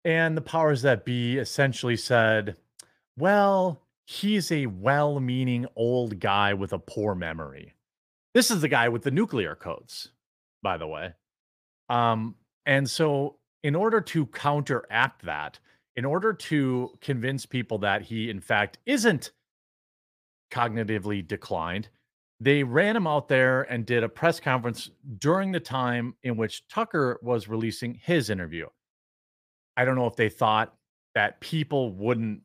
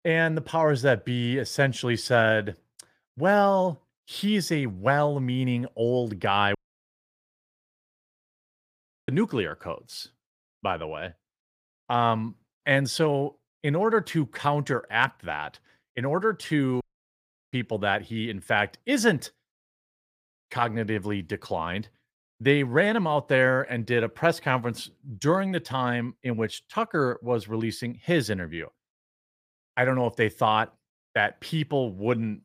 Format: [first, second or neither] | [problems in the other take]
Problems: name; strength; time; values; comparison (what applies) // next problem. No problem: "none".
first | audio cutting out; at 6.5 s for 2.5 s and at 17 s for 0.5 s